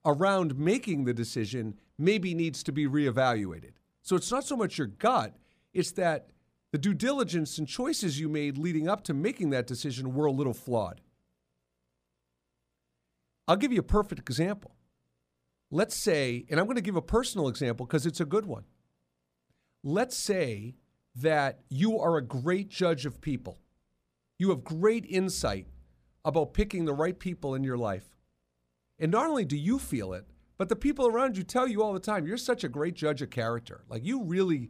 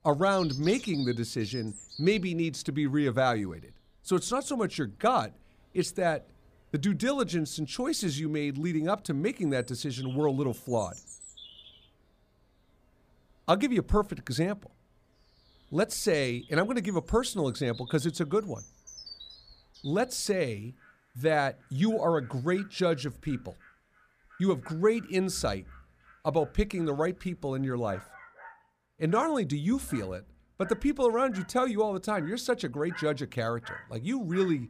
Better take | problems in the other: first | animal sounds; noticeable; throughout; 20 dB below the speech

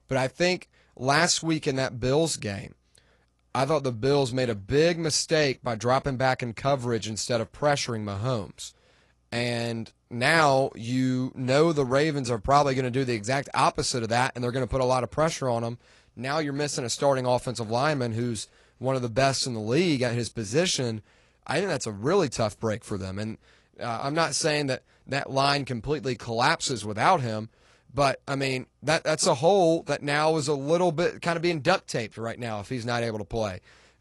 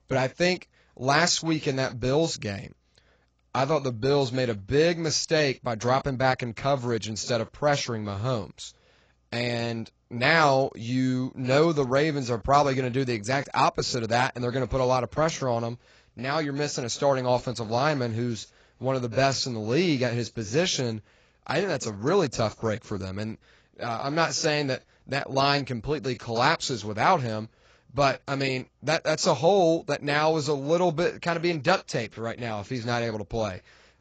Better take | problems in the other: first | garbled, watery; badly; nothing above 7.5 kHz; slightly in the first

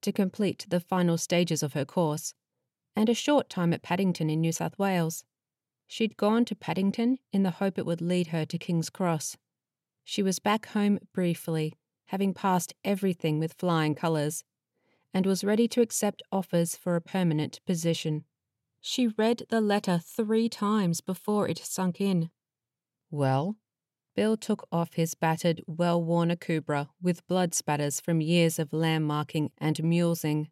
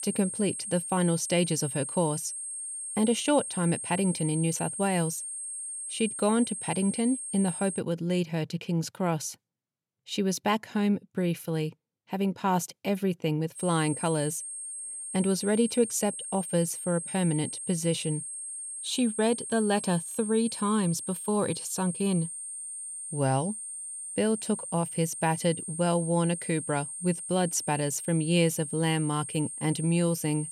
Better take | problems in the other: first | high-pitched whine; loud; until 8 s and from 14 s on; 8.5 kHz, 6 dB below the speech

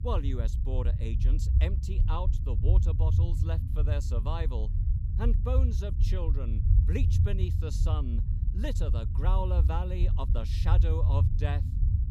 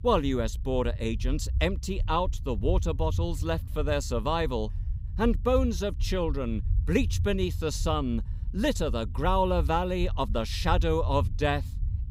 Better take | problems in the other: second | low rumble; loud; throughout; 5 dB below the speech; faint in the second

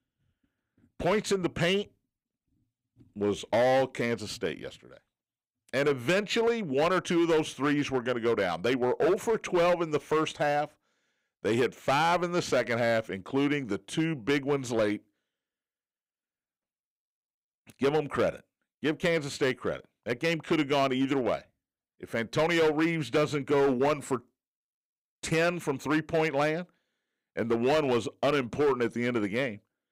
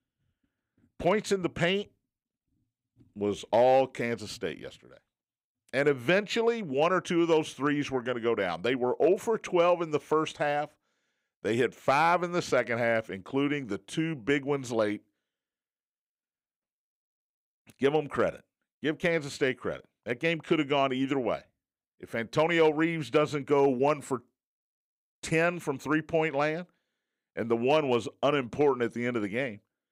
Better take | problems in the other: second | distortion; slight; 7% of the sound clipped

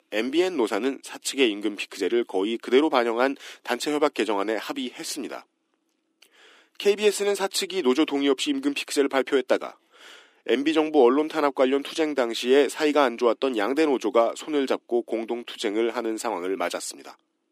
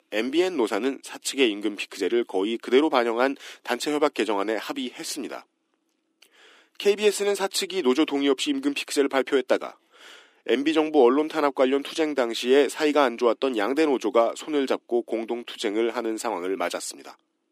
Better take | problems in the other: neither | thin; somewhat; fading below 250 Hz; the same in both

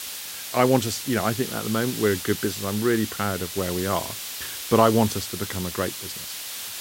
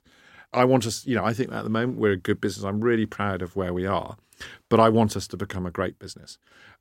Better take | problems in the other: second | hiss; loud; throughout; 7 dB below the speech

